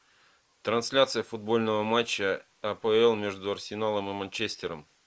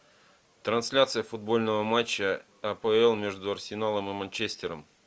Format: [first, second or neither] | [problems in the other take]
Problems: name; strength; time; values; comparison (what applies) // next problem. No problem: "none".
second | noise reduction (neural mask model Resemble Enhance denoiser)